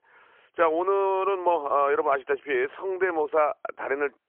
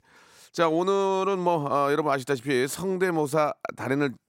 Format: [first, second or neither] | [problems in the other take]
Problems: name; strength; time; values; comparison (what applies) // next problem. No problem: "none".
second | phone-call audio; poor line